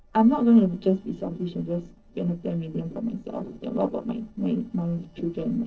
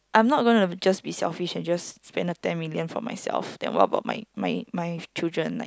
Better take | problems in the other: second | noise reduction (neural separator model SepFormer DNS4)

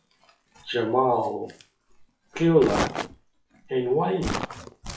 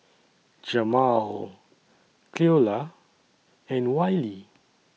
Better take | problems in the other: second | noise reduction (classical method WPE with log-MMSE)

